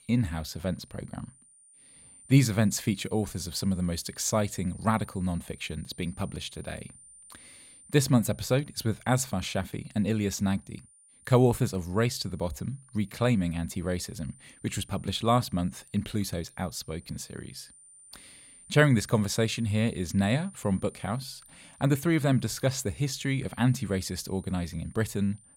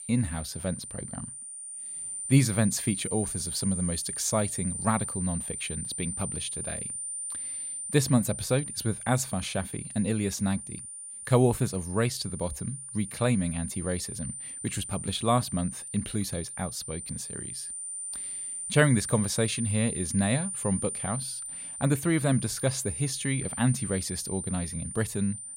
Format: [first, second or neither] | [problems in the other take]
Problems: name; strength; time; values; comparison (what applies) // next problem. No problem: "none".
first | high-pitched whine; loud; throughout; 9 kHz, 5 dB below the speech; faint in the first